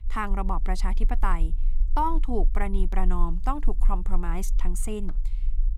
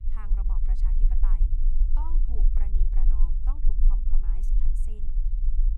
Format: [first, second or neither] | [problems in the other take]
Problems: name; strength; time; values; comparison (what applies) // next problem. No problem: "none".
first | low rumble; loud; throughout; 2 dB below the speech; faint in the first